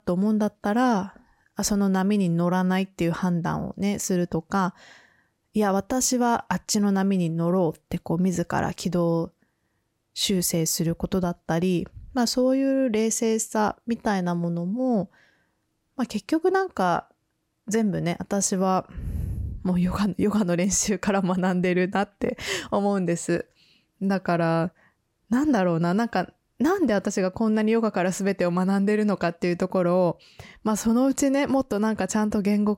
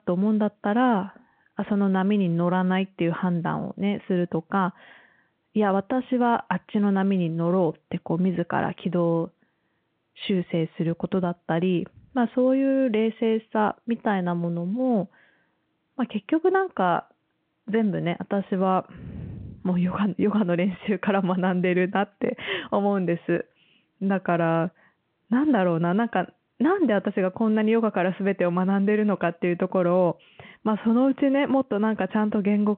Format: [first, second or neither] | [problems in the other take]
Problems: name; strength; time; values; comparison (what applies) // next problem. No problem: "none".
first | phone-call audio